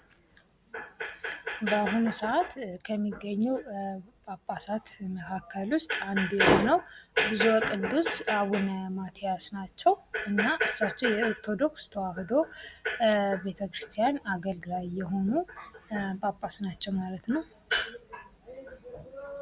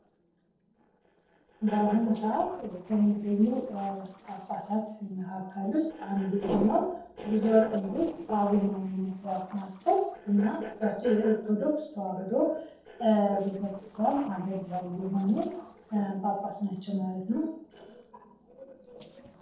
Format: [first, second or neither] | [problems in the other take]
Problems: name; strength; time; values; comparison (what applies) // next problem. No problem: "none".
first | noise reduction (neural separator model SepFormer DNS4)